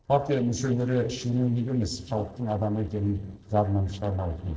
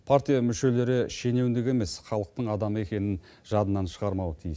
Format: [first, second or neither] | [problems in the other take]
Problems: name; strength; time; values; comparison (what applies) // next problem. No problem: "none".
second | noise reduction (neural separator model SepFormer DNS4)